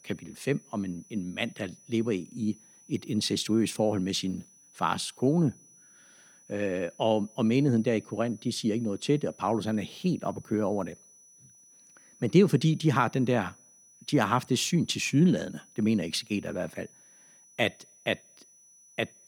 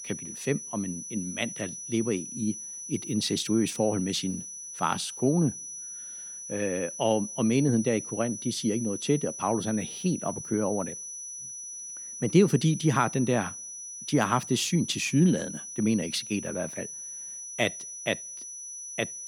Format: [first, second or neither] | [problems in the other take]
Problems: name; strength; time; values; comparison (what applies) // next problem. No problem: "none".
first | high-pitched whine; loud; throughout; 6 kHz, 9 dB below the speech; faint in the first